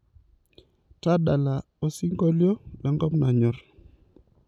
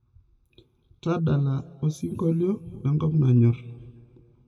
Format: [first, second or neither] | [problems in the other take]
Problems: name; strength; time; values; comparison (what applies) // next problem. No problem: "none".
first | room echo; dies away in 2 s